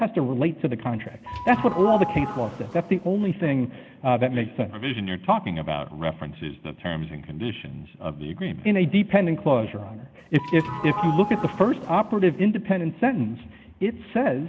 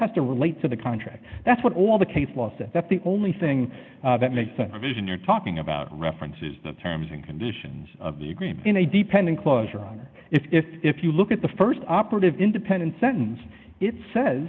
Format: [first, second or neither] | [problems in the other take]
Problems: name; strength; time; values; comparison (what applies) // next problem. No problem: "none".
second | background sound (Sliding door / Doorbell); 9 dB below the speech